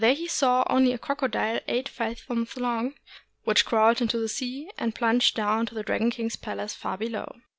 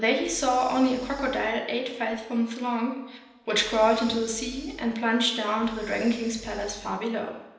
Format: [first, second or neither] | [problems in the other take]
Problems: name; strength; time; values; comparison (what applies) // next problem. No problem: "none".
first | background sound (Breathing); 19 dB below the speech // room echo; dies away in 0.9 s